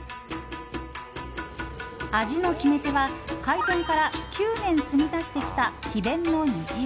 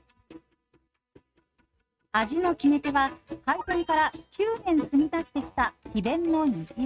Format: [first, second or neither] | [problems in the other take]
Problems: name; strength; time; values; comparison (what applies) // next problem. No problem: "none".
first | noise reduction (neural mask model RNNoise)